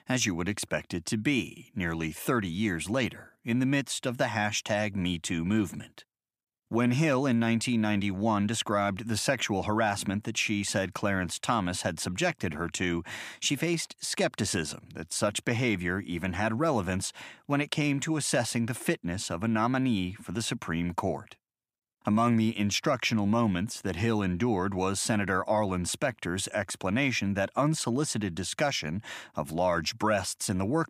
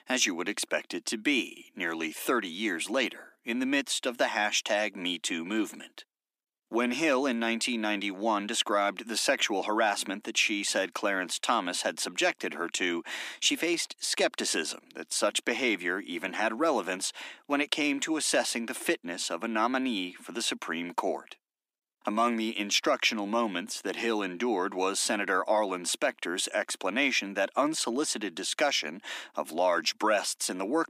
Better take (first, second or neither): first